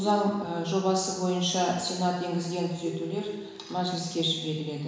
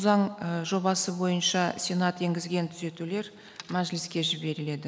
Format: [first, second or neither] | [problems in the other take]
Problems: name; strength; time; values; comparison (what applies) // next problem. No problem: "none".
second | background sound (Ringtone); 14 dB below the speech // room echo; dies away in 1 s